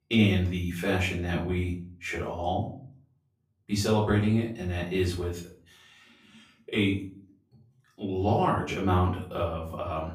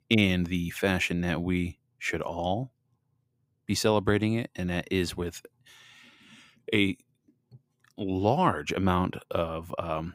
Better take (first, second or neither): second